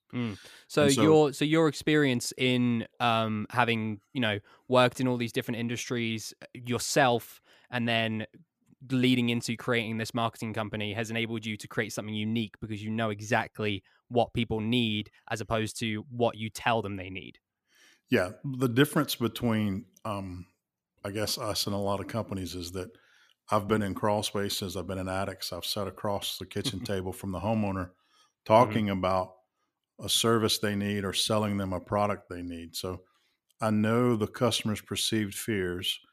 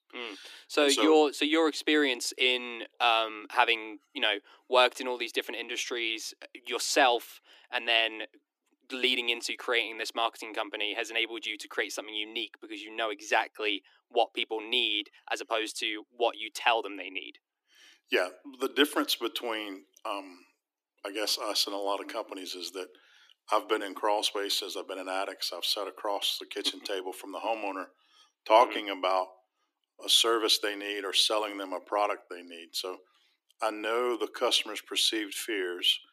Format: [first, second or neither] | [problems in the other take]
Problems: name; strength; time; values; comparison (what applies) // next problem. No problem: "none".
first | thin; somewhat; fading below 300 Hz